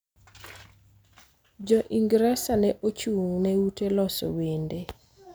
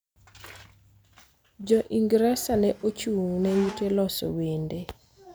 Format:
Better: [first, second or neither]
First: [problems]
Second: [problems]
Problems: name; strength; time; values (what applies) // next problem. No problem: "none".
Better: first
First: none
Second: background sound (Squeak); 16 dB below the speech